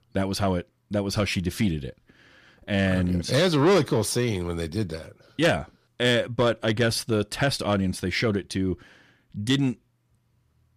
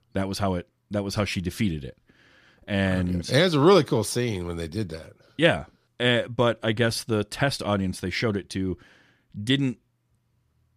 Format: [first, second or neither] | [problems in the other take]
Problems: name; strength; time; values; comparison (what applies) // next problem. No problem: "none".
second | distortion; slight; 10 dB below the speech